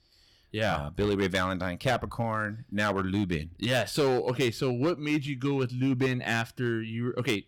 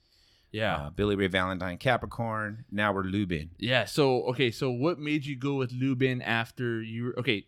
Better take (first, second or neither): second